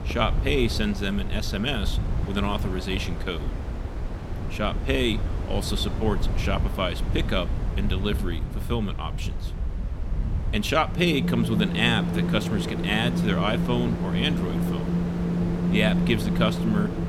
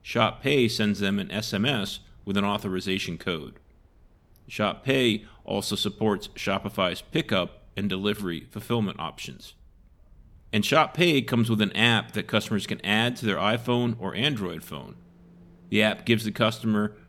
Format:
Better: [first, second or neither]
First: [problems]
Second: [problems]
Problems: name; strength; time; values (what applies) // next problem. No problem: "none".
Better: second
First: wind in the background; loud; throughout; 1 dB below the speech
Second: wind in the background; faint; throughout; 30 dB below the speech